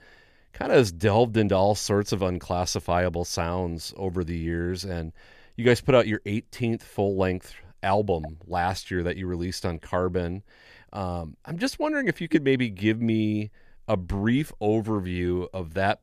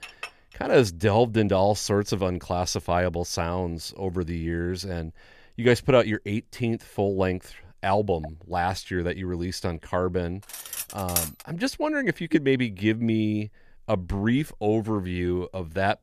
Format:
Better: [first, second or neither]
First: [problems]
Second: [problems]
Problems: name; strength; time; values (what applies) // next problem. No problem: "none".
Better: first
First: none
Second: clattering dishes; faint; at the start; peak 15 dB below the speech // clattering dishes; noticeable; at 11 s; peak 1 dB below the speech